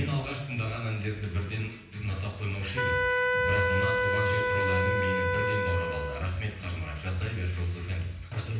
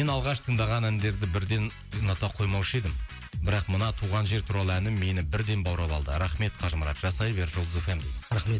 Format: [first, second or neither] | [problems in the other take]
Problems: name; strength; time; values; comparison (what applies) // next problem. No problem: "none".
second | background sound (Wind instrument, woodwind instrument); as loud as the speech // room echo; dies away in 0.9 s